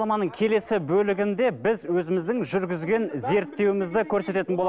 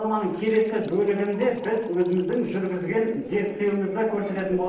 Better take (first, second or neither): first